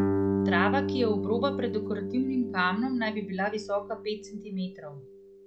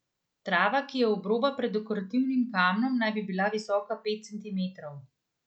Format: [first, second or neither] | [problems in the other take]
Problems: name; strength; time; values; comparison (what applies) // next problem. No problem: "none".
second | background sound (Guitar); 1 dB below the speech